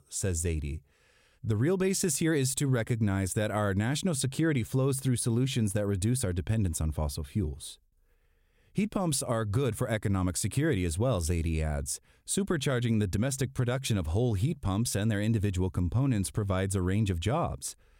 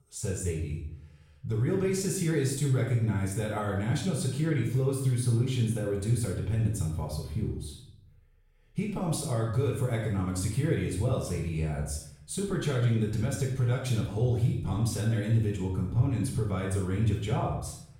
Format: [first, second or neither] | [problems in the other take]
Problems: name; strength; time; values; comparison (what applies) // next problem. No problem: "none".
first | off-mic speech; far // room echo; noticeable; dies away in 0.6 s